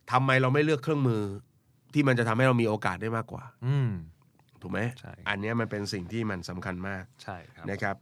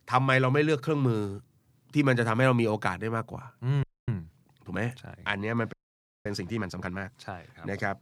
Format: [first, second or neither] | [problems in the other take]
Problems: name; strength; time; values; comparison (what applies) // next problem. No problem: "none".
first | audio freezing; at 4 s and at 5.5 s for 0.5 s